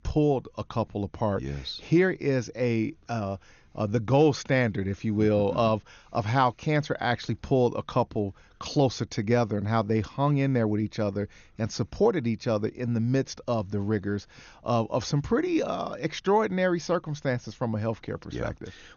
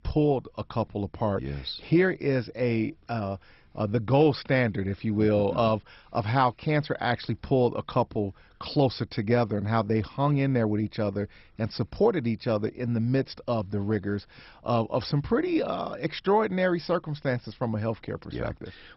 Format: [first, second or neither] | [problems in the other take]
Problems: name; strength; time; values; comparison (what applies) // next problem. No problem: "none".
first | garbled, watery; badly; nothing above 5.5 kHz; slightly in the first